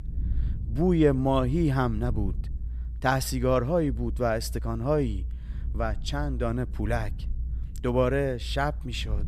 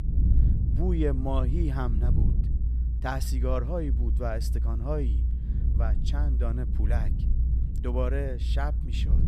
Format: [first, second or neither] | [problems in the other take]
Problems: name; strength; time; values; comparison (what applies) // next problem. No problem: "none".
first | low rumble; loud; throughout; 9 dB below the speech; faint in the first